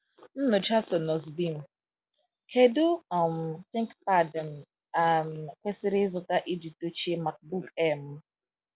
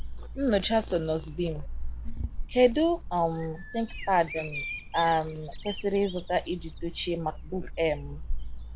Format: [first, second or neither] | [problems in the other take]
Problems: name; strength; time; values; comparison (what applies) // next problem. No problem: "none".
first | background sound (Bird vocalization, bird call, bird song); 6 dB below the speech